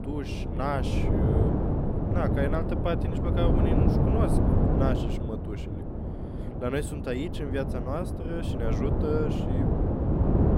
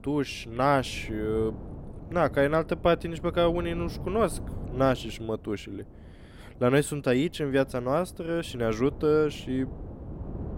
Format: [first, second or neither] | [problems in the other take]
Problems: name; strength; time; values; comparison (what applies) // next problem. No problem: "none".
second | wind noise on the microphone; heavy; as loud as the speech; occasional gusts in the second